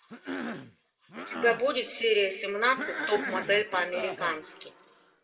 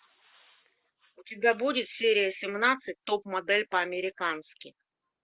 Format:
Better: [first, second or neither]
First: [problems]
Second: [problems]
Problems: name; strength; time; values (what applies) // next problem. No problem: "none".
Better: second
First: background sound (Cough); 9 dB below the speech // room echo; dies away in 1.3 s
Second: none